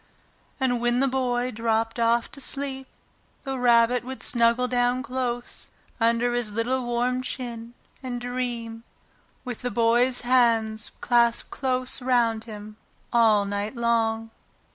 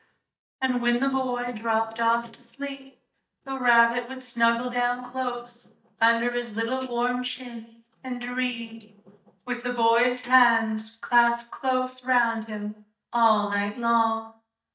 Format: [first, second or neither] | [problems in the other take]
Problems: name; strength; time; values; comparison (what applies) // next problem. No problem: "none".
first | noise reduction (neural mask model DeepFilterNet 3)